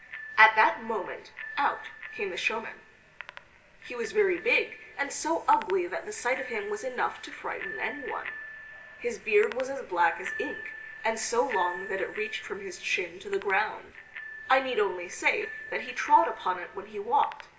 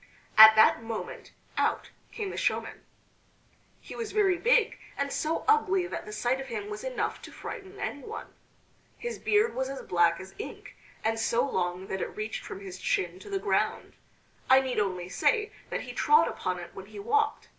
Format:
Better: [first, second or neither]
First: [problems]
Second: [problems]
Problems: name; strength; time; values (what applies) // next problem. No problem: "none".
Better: second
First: background sound (Bicycle bell); 14 dB below the speech // room echo; dies away in 1.6 s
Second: none